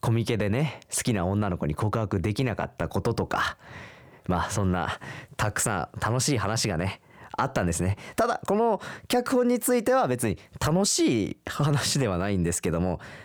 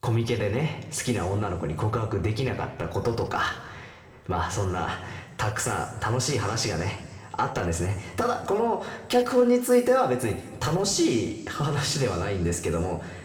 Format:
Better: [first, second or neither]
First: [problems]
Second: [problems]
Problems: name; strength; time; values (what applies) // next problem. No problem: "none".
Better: first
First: none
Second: room echo; slight; dies away in 1.5 s // off-mic speech; somewhat distant